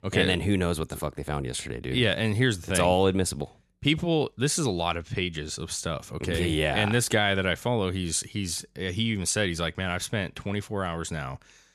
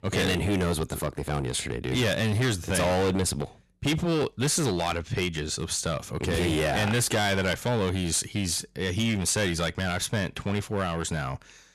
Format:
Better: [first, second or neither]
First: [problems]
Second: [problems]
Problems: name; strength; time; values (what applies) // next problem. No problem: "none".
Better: first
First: none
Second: distortion; heavy; 15% of the sound clipped